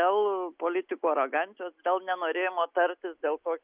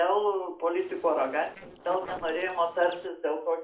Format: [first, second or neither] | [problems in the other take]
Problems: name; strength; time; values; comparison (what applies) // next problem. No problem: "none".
first | noise reduction (neural separator model SepFormer DNS4)